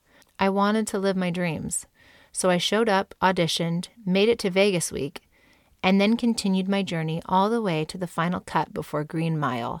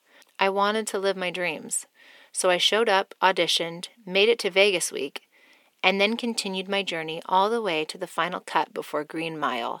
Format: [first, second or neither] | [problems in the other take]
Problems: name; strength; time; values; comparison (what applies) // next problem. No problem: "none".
first | thin; somewhat; fading below 300 Hz